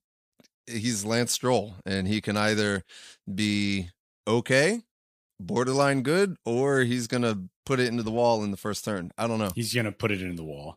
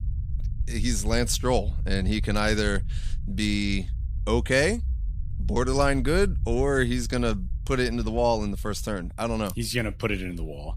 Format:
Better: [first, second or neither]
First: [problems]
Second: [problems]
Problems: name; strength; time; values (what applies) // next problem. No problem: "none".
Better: first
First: none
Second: low rumble; faint; throughout; 25 dB below the speech